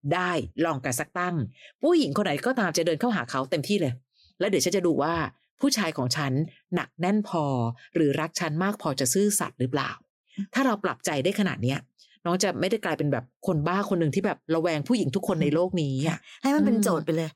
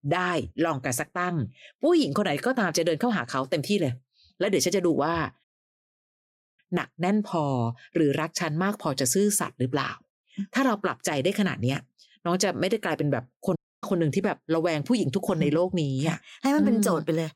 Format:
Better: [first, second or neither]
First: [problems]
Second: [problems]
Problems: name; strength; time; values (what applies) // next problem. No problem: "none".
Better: first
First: none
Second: audio cutting out; at 5.5 s for 1 s and at 14 s